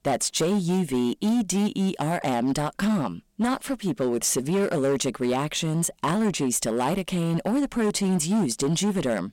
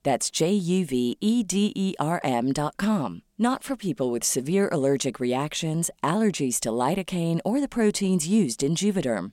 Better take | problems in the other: second | distortion; slight; 14% of the sound clipped

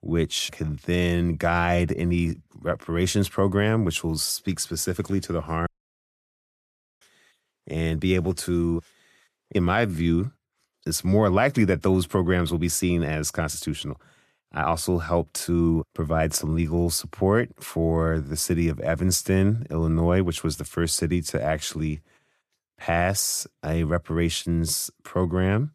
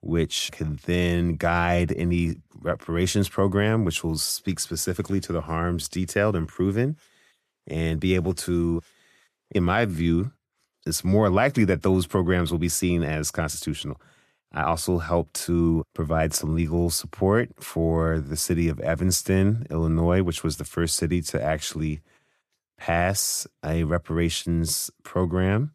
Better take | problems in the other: second | audio cutting out; at 5.5 s for 1.5 s

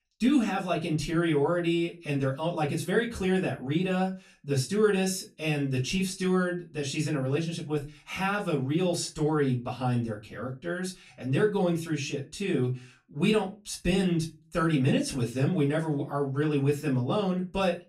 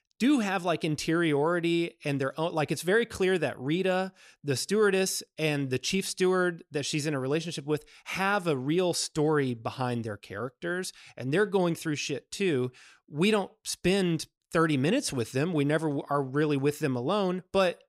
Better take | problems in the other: second | off-mic speech; far // room echo; very slight; dies away in 0.2 s

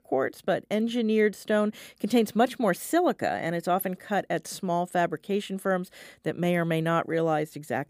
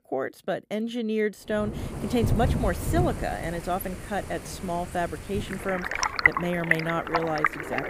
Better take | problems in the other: first | rain or running water; very loud; from 2 s on; 2 dB above the speech

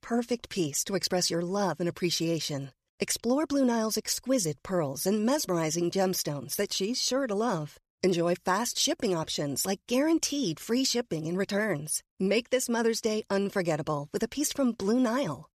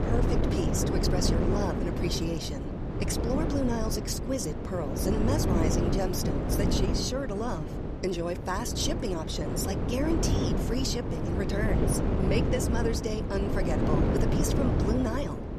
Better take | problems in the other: first | wind noise on the microphone; heavy; 1 dB below the speech

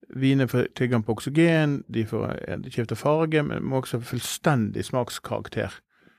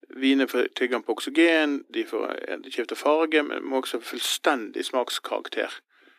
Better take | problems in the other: first | thin; very slightly; fading below 250 Hz

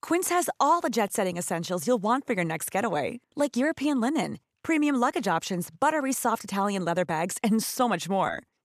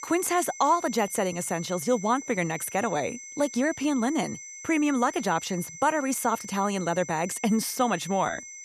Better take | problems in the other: first | high-pitched whine; noticeable; throughout; 6 kHz, 15 dB below the speech

